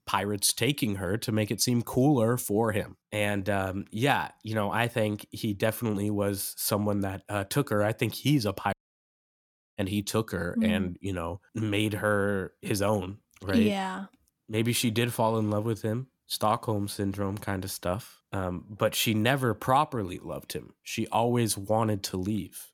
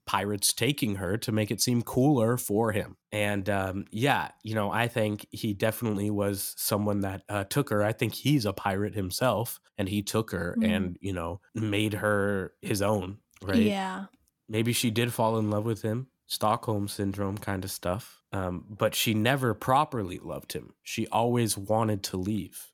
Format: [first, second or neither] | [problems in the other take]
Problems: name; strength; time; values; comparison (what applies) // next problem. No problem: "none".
second | audio cutting out; at 8.5 s for 1 s